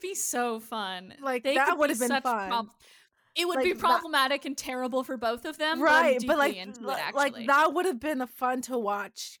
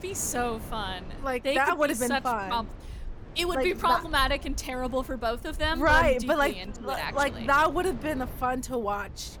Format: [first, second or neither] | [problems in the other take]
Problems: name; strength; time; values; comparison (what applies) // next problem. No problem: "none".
first | wind in the background; noticeable; throughout; 15 dB below the speech